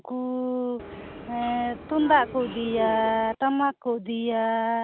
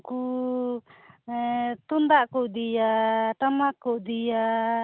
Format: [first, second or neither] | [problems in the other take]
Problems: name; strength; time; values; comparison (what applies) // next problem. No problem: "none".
second | background sound (Subway, metro, underground); 12 dB below the speech